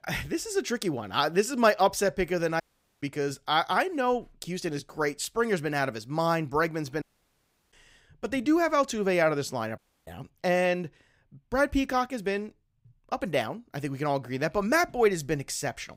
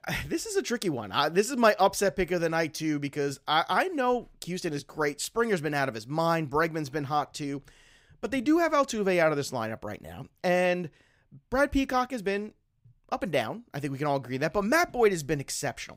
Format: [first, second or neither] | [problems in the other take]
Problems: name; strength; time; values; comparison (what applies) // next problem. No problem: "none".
second | audio cutting out; at 2.5 s, at 7 s for 0.5 s and at 10 s